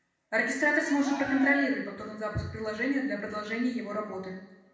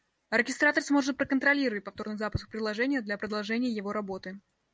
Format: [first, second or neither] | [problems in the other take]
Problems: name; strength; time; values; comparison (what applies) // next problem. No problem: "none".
second | background sound (Cheering); 13 dB below the speech // room echo; dies away in 0.9 s